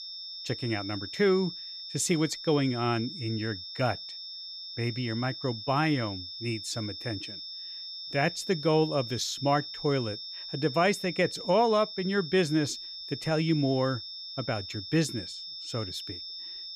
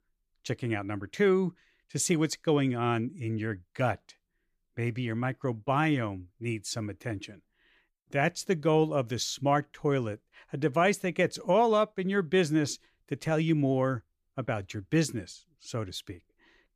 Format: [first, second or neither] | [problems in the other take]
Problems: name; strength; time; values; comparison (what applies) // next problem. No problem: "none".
second | high-pitched whine; loud; throughout; 5.5 kHz, 8 dB below the speech